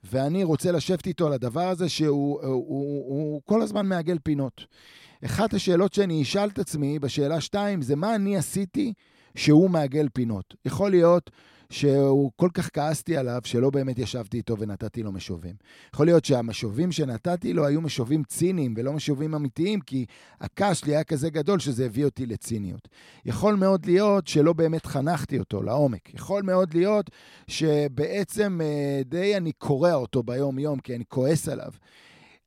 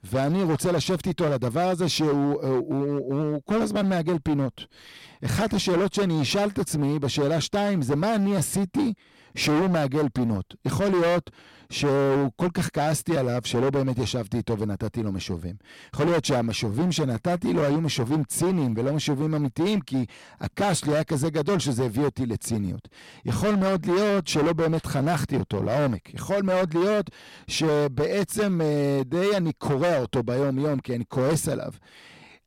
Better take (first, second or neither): first